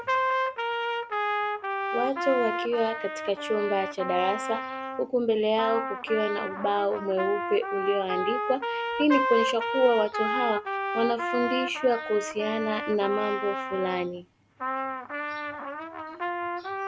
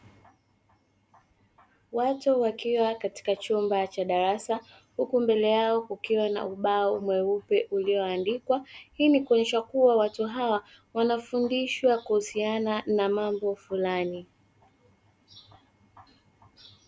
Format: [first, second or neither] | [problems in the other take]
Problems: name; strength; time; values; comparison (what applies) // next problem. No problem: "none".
second | background sound (Trumpet); 3 dB below the speech